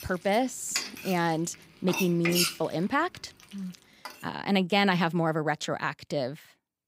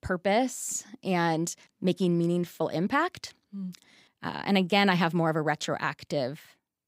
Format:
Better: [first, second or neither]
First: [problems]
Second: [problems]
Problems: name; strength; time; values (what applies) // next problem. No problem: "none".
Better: second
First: household noises; loud; until 4 s; 3 dB below the speech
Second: none